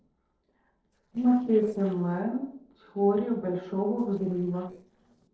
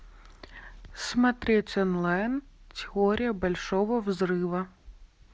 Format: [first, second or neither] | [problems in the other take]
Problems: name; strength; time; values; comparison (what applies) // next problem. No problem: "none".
second | noise reduction (neural separator model SepFormer DNS4)